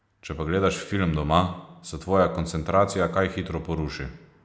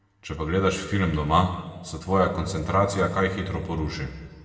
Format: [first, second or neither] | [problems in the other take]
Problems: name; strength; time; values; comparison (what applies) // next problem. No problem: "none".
first | background sound (Bowed string instrument); 16 dB below the speech // room echo; dies away in 1.4 s